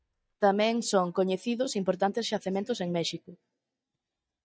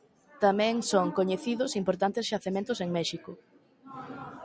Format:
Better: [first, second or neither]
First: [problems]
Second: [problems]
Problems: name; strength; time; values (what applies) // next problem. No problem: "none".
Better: second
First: noise reduction (neural mask model DeepFilterNet 3)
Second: none